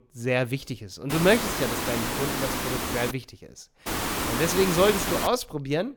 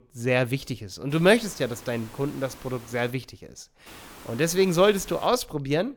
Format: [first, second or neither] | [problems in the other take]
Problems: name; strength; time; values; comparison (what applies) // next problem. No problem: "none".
second | hiss; loud; from 1 to 3 s and from 4 to 5.5 s; 2 dB below the speech; faint in the second